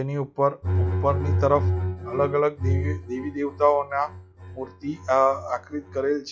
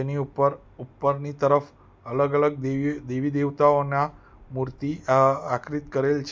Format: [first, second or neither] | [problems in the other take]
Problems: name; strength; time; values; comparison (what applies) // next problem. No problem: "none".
second | noise reduction (classical method log-MMSE)